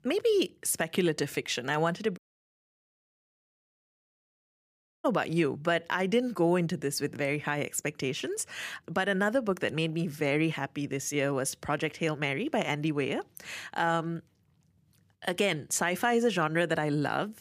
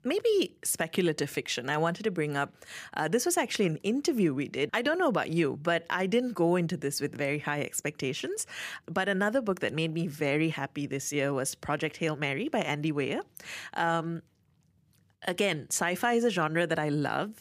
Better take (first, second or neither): second